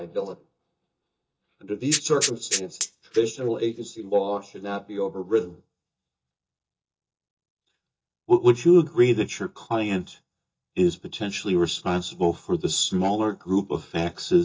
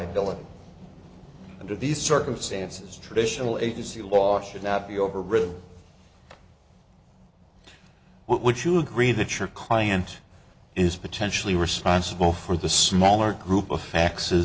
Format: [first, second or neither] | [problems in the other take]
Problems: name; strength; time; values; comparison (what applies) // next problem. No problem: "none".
second | noise reduction (neural mask model DeepFilterNet 3)